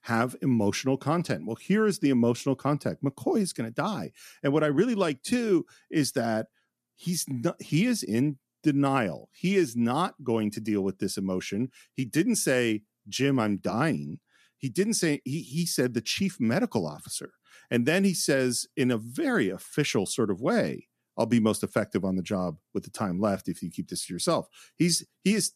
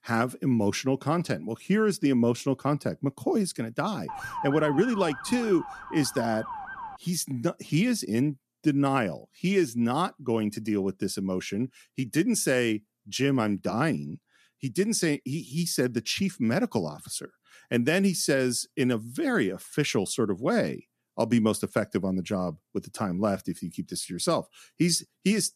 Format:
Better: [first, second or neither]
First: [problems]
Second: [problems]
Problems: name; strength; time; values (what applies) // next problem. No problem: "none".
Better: first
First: none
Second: siren; noticeable; from 4 to 7 s; peak 7 dB below the speech